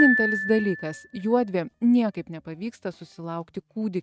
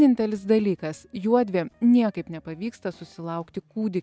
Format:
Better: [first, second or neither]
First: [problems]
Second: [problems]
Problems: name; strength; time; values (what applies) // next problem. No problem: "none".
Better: second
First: noise reduction (neural mask model RNNoise)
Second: none